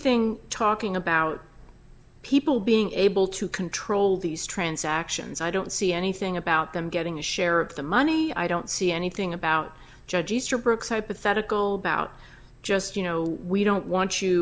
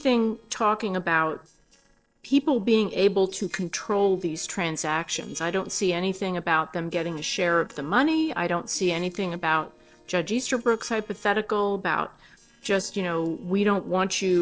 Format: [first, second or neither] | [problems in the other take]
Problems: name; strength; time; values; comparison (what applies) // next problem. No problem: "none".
first | noise reduction (neural separator model SepFormer DNS4)